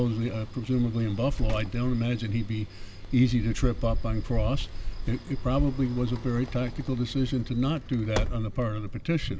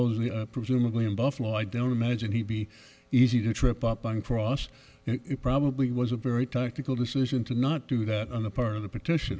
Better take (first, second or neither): second